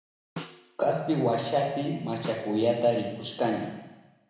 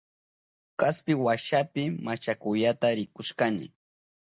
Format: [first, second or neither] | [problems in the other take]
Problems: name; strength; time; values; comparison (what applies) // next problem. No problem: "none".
second | background sound (Snare drum); 19 dB below the speech // room echo; dies away in 1 s